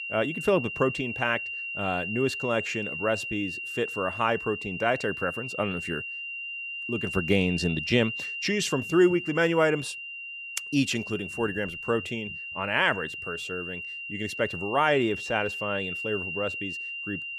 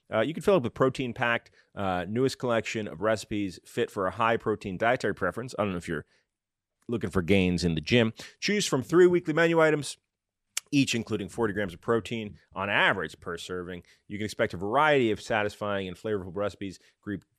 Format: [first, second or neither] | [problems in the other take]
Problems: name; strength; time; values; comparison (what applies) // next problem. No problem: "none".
second | high-pitched whine; loud; throughout; 3 kHz, 5 dB below the speech